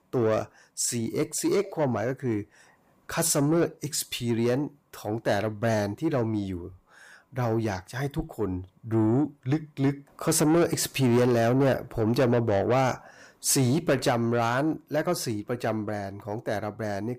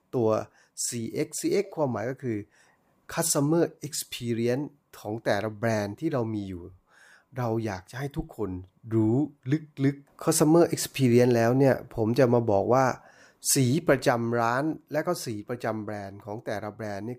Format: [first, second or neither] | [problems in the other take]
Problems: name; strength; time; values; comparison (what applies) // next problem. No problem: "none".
second | distortion; slight; 10 dB below the speech